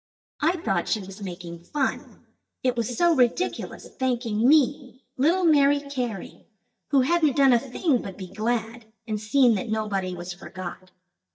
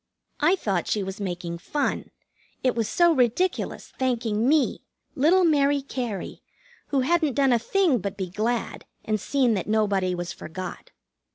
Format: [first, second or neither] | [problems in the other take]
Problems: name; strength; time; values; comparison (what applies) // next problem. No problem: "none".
second | noise reduction (neural mask model DeepFilterNet 3)